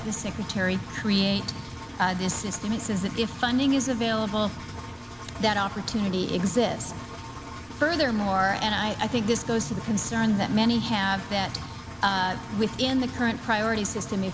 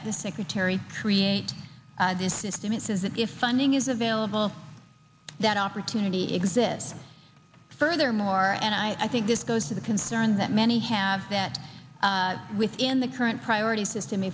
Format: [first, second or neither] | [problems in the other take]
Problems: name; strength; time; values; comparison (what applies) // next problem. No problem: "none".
second | background sound (Engine); 12 dB below the speech